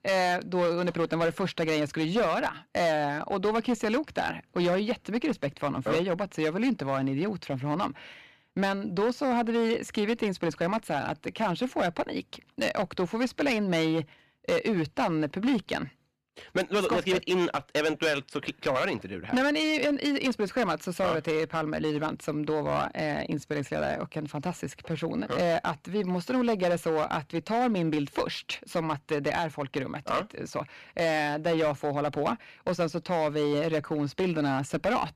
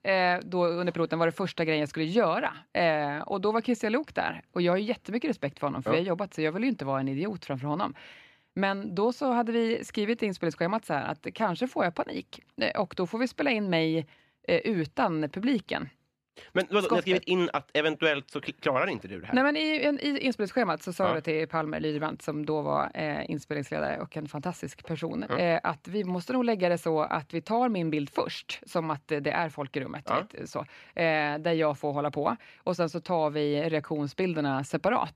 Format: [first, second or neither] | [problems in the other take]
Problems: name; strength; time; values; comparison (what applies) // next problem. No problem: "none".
second | distortion; slight; 8% of the sound clipped